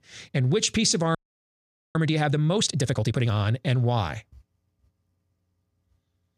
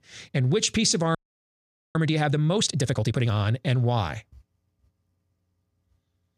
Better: neither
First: audio freezing; at 1 s for 1 s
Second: audio freezing; at 1 s for 1 s

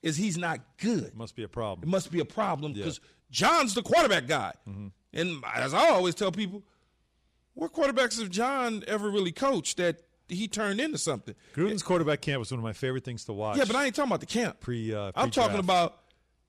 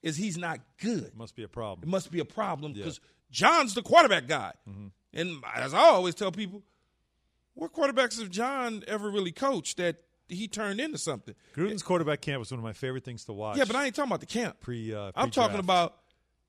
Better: second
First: distortion; heavy; 8 dB below the speech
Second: none

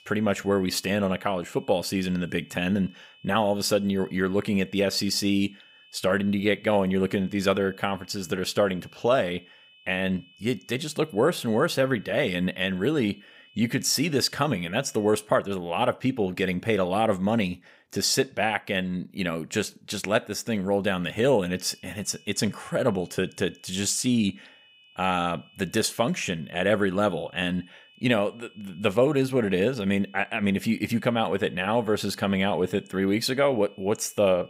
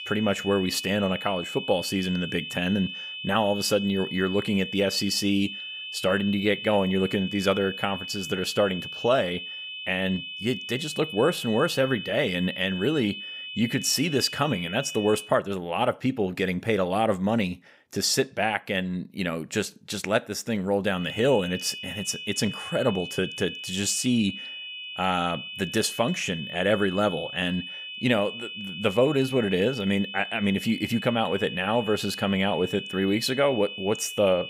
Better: first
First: high-pitched whine; faint; until 15 s and from 21 s on; 3 kHz, 25 dB below the speech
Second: high-pitched whine; loud; until 15 s and from 21 s on; 3 kHz, 8 dB below the speech

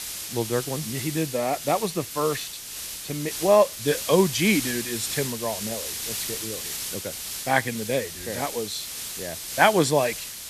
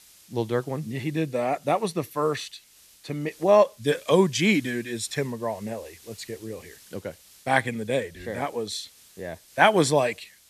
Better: second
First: hiss; loud; throughout; 6 dB below the speech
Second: hiss; faint; throughout; 25 dB below the speech

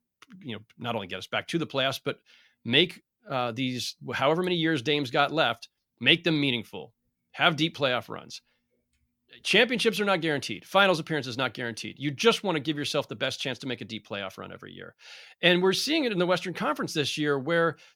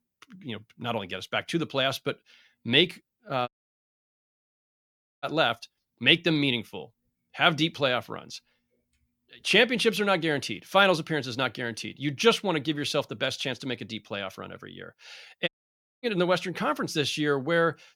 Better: first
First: none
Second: audio cutting out; at 3.5 s for 1.5 s and at 15 s for 0.5 s

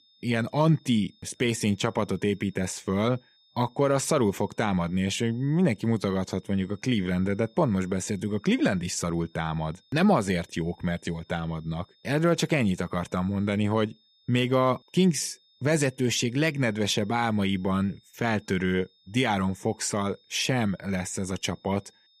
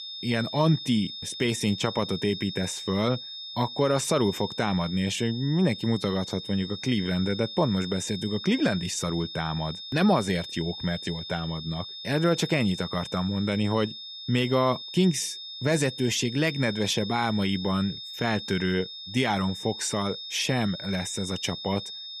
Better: first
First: high-pitched whine; faint; throughout; 3.5 kHz, 35 dB below the speech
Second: high-pitched whine; loud; throughout; 3.5 kHz, 9 dB below the speech

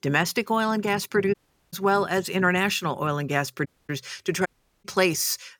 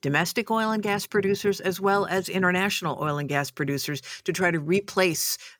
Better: second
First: audio cutting out; at 1.5 s, at 3.5 s and at 4.5 s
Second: none

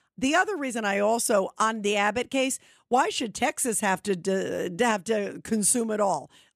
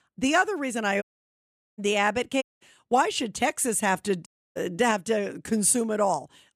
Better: first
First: none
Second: audio cutting out; at 1 s for 1 s, at 2.5 s and at 4.5 s

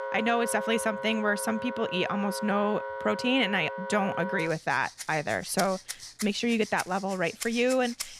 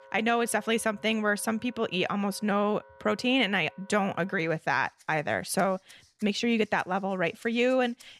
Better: second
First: background music; loud; throughout; 9 dB below the speech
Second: background music; faint; throughout; 30 dB below the speech

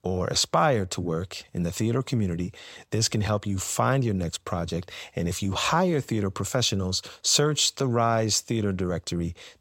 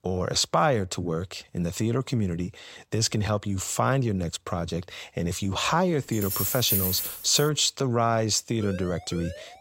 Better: first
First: none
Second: jangling keys; loud; from 6 to 7.5 s; peak 2 dB above the speech // siren; faint; from 8.5 s on; peak 15 dB below the speech

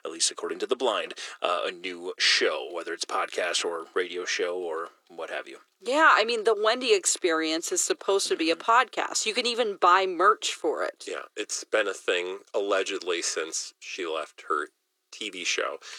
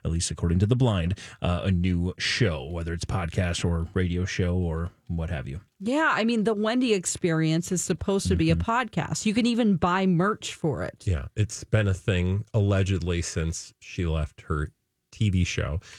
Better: second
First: thin; very; fading below 350 Hz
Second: none

